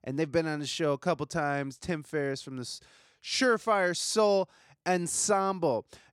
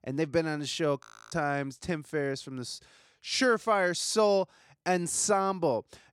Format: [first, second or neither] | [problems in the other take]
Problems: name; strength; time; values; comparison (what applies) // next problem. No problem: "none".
first | audio freezing; at 1 s